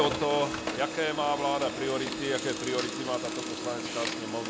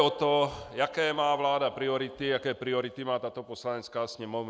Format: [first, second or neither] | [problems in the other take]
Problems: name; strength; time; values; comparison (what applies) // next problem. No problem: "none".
second | background sound (Printer); 4 dB below the speech